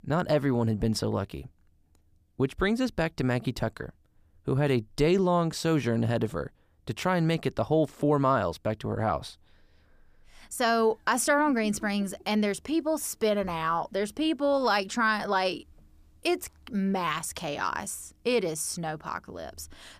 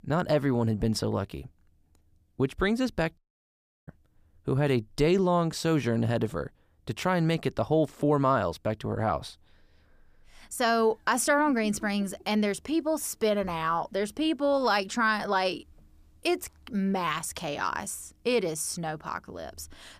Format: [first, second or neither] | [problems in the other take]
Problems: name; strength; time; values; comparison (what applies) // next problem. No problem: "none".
first | audio cutting out; at 3 s for 0.5 s